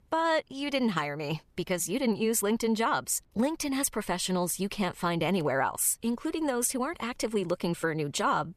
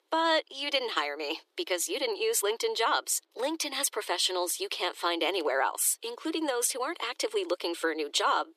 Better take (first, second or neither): first